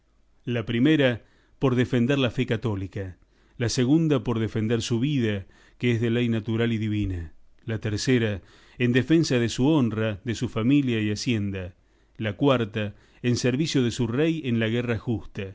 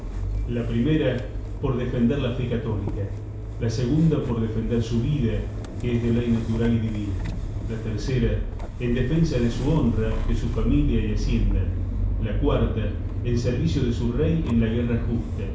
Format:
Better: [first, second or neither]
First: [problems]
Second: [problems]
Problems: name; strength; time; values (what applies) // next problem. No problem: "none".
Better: first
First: none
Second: background sound (Engine starting / Motor vehicle (road)); 2 dB below the speech // room echo; dies away in 0.6 s